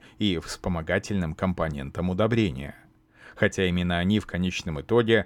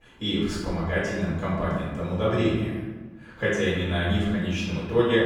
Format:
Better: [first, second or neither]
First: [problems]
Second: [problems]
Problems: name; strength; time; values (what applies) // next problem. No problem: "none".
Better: first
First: none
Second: off-mic speech; far // room echo; noticeable; dies away in 1.1 s